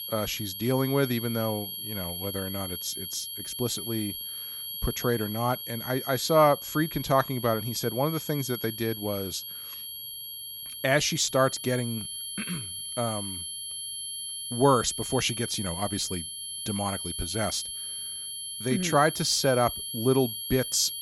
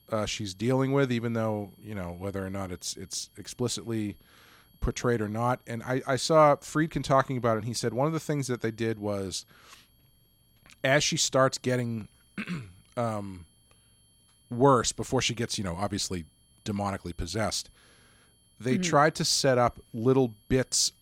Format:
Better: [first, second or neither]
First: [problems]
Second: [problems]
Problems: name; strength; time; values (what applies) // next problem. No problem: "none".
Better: second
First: high-pitched whine; loud; throughout; 3 kHz, 6 dB below the speech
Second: high-pitched whine; faint; throughout; 3 kHz, 35 dB below the speech